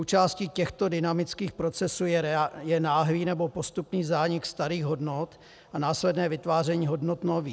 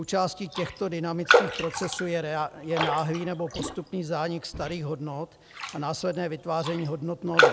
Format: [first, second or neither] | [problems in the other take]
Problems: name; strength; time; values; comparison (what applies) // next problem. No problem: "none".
first | background sound (Raindrop); 1 dB above the speech